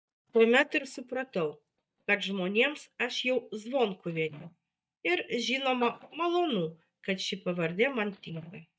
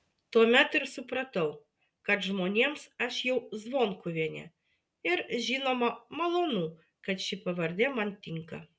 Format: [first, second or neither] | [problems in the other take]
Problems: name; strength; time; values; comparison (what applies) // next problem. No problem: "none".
second | noise reduction (neural mask model DeepFilterNet 3)